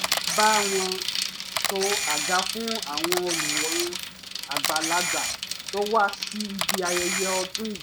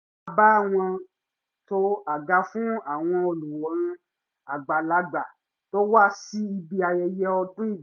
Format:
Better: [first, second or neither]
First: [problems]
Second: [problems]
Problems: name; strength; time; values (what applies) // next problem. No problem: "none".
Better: second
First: background sound (Bicycle + Camera); 1 dB above the speech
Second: none